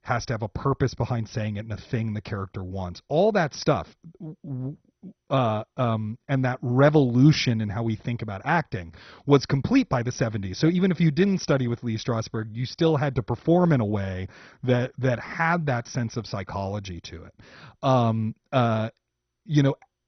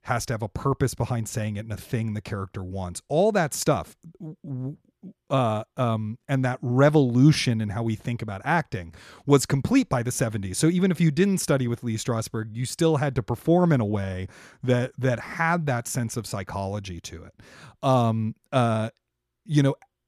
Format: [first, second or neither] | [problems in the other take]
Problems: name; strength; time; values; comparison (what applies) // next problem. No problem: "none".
second | garbled, watery; badly; nothing above 6 kHz